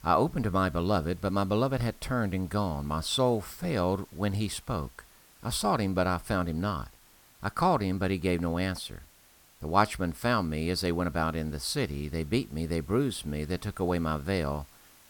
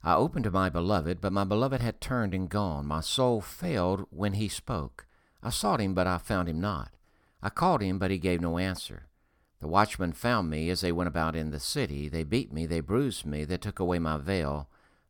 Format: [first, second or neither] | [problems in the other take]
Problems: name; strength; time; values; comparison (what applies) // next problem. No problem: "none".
second | hiss; faint; throughout; 25 dB below the speech